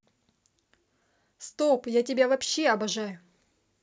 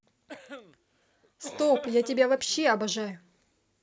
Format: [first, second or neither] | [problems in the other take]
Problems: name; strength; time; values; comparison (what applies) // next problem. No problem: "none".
first | background sound (Cough); 16 dB below the speech